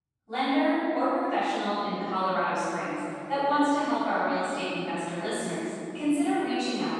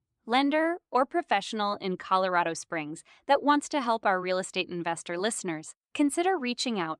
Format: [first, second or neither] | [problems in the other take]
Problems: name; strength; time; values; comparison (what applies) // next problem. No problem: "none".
second | off-mic speech; far // room echo; strong; dies away in 3 s